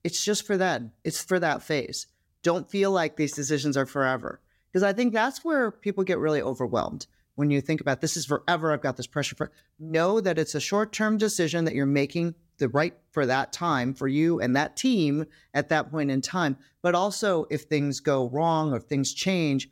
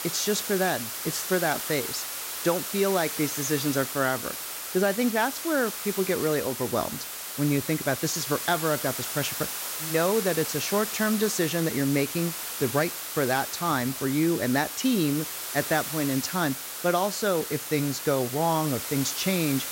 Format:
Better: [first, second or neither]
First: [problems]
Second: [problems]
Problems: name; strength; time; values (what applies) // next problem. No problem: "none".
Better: first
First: none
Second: hiss; loud; throughout; 4 dB below the speech